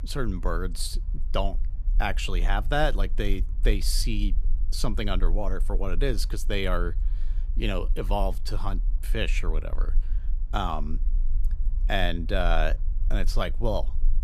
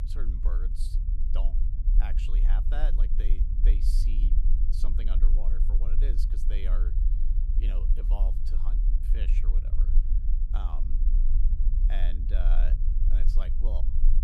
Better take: first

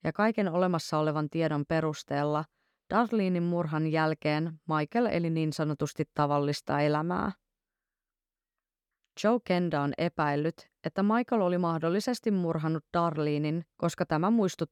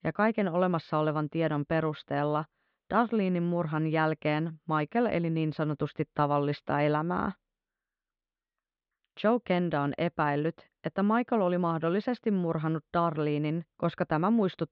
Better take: first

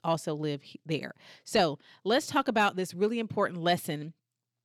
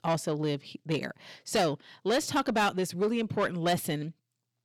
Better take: first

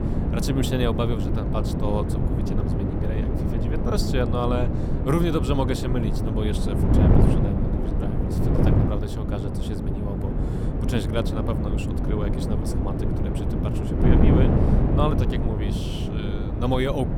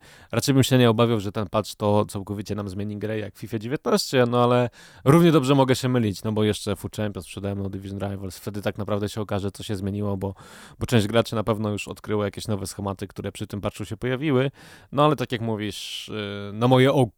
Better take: second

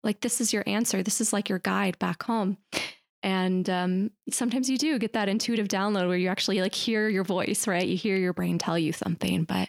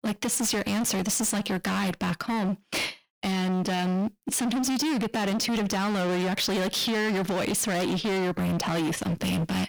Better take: first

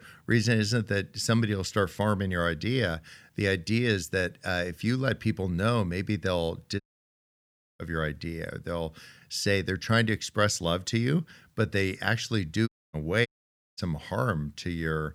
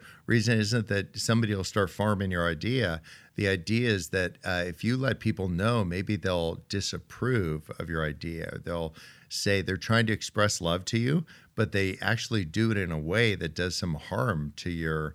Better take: second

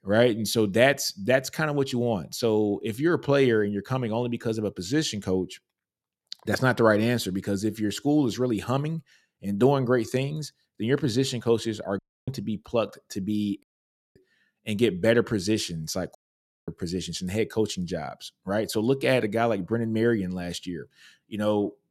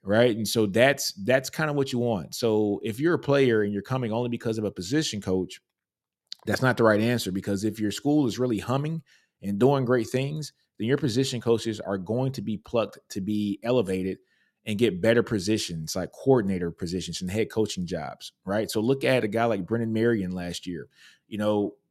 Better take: second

